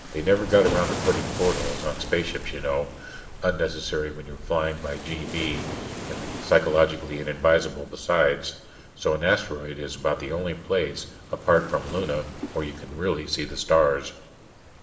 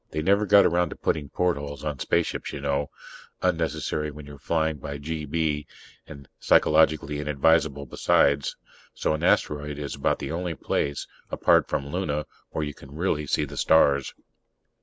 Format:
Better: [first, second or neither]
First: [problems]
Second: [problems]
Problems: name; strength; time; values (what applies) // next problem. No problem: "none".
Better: second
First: background sound (Waves, surf); 10 dB below the speech // room echo; dies away in 1 s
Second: none